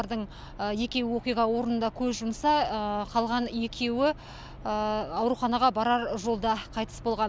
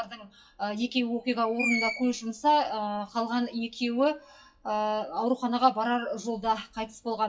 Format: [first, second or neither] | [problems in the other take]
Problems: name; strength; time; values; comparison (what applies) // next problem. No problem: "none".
first | noise reduction (classical method WPE with log-MMSE)